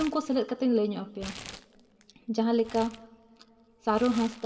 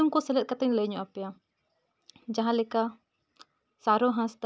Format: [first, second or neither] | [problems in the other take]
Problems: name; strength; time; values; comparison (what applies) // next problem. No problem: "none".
second | background sound (Crumpling, crinkling); 18 dB below the speech // room echo; dies away in 1.9 s